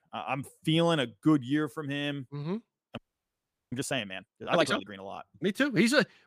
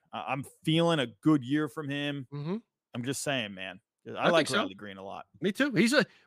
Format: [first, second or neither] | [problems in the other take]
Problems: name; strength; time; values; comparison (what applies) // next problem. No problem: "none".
second | audio freezing; at 3 s for 0.5 s